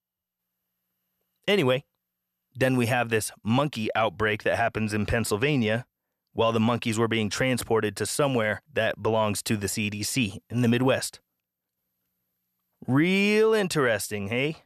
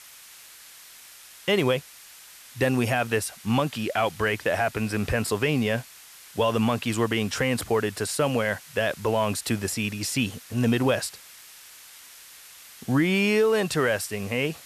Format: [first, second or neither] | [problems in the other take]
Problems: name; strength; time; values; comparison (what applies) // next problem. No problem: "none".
first | hiss; noticeable; throughout; 20 dB below the speech